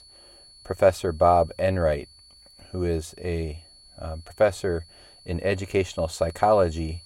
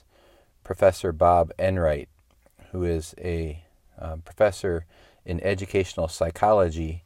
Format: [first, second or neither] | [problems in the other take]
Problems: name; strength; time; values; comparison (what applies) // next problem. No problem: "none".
second | high-pitched whine; faint; throughout; 4.5 kHz, 25 dB below the speech